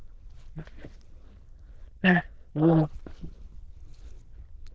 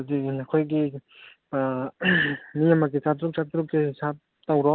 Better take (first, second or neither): second